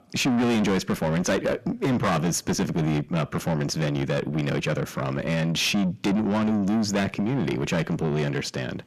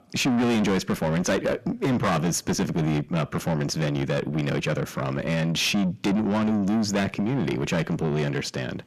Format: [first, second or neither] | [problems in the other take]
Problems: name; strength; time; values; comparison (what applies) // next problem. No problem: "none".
neither | distortion; heavy; 6 dB below the speech; the same in both